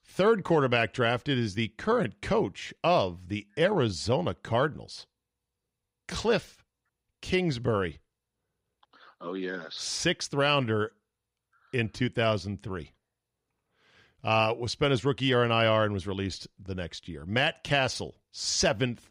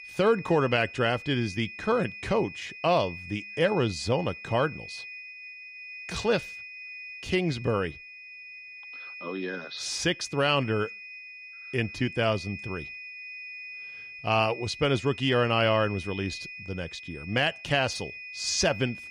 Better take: first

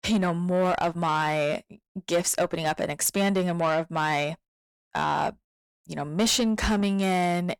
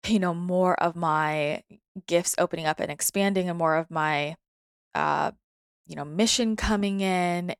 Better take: second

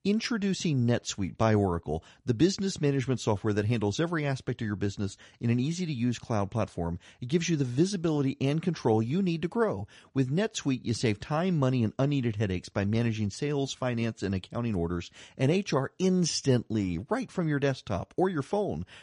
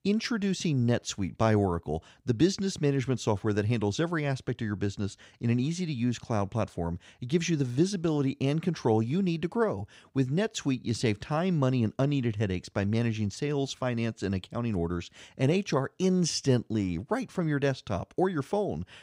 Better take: second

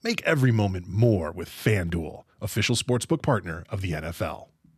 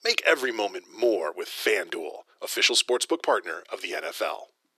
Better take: first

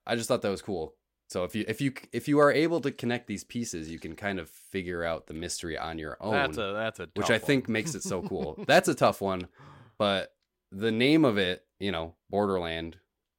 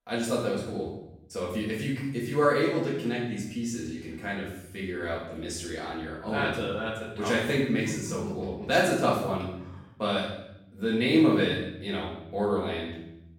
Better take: first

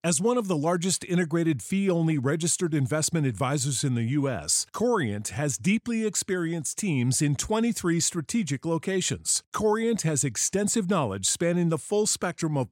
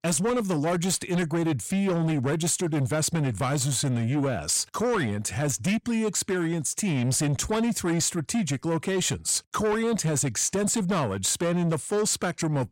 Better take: first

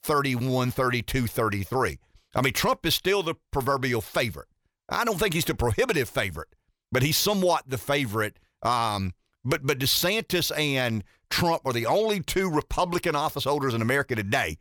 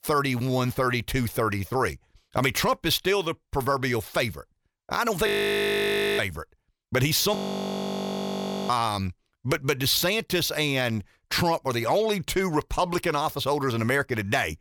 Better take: first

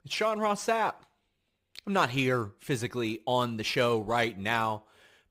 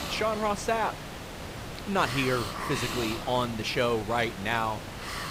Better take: first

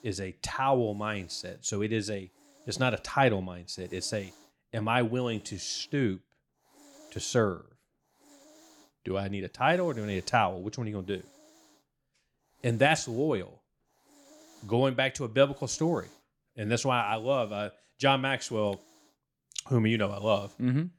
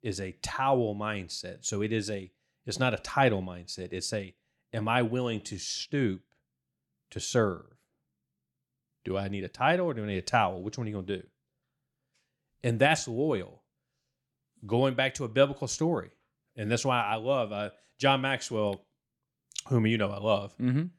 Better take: second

